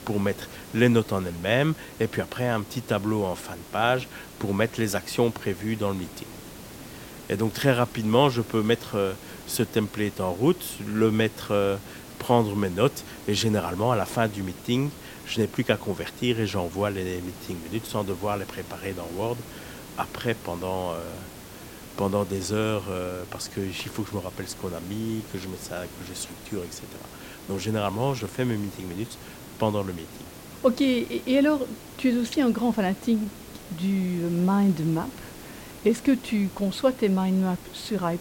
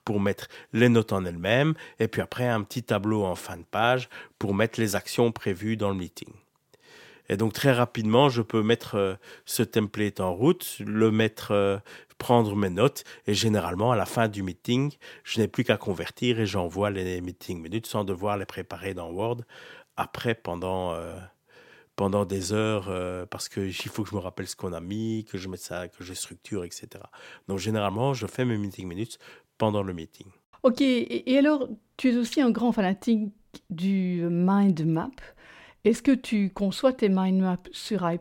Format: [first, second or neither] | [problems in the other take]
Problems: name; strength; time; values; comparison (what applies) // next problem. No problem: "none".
second | hiss; noticeable; throughout; 15 dB below the speech